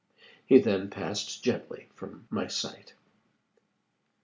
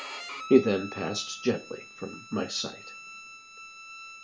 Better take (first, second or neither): first